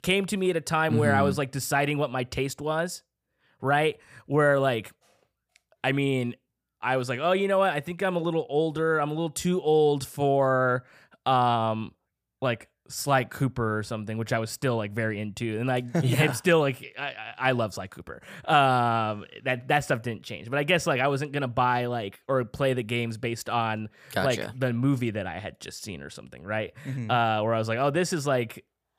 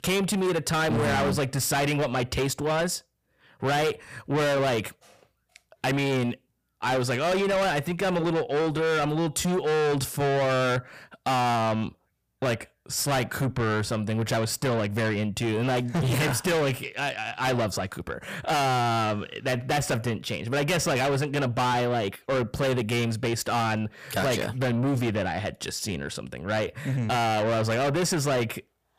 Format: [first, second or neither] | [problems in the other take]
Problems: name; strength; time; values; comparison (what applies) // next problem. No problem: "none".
first | distortion; heavy; 6 dB below the speech